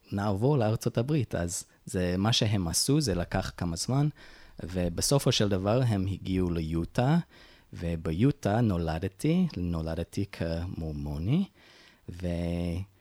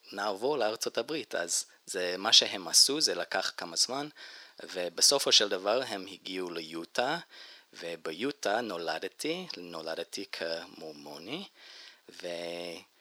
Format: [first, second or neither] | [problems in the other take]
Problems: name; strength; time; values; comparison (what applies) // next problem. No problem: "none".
first | thin; very; fading below 400 Hz